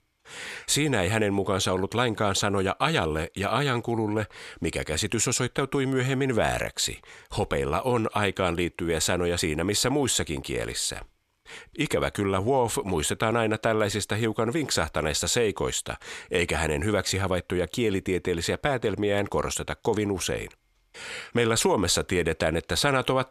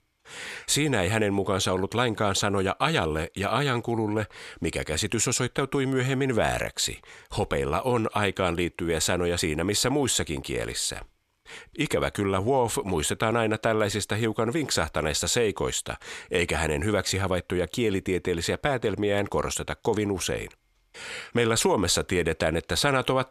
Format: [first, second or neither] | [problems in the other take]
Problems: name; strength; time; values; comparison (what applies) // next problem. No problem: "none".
neither | none